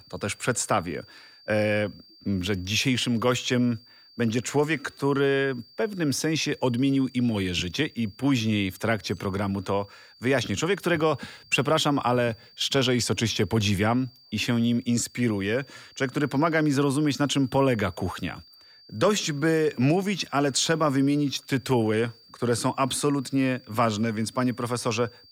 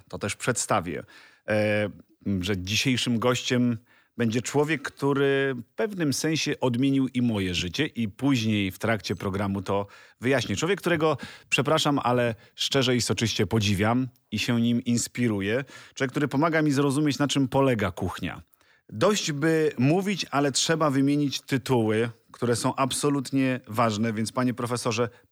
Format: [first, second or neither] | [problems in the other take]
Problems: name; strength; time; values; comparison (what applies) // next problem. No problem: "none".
second | high-pitched whine; faint; throughout; 4.5 kHz, 25 dB below the speech